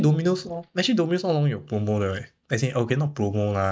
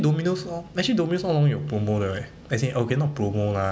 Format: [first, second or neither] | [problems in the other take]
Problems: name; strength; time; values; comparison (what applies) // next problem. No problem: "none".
second | noise reduction (neural mask model DeepFilterNet 3)